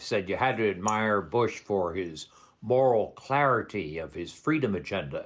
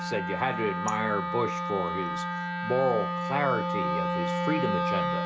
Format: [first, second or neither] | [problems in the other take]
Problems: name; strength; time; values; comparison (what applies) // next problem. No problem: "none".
first | background sound (Wind instrument, woodwind instrument); 1 dB above the speech